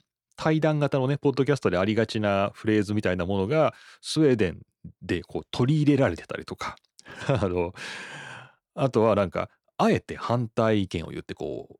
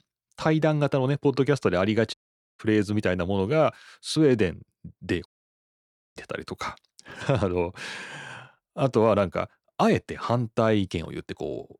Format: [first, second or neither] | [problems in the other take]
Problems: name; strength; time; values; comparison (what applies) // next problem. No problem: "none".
first | audio cutting out; at 2 s and at 5.5 s for 1 s